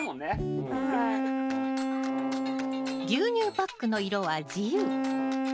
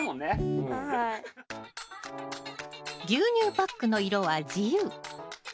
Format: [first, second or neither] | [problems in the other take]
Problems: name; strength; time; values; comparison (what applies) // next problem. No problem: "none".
second | background sound (Wind instrument, woodwind instrument); as loud as the speech